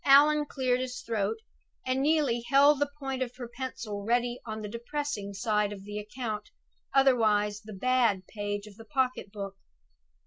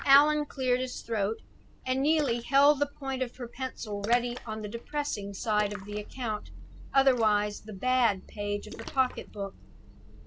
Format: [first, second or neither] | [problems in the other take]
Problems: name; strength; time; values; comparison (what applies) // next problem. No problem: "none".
first | background sound (Splash, splatter); 16 dB below the speech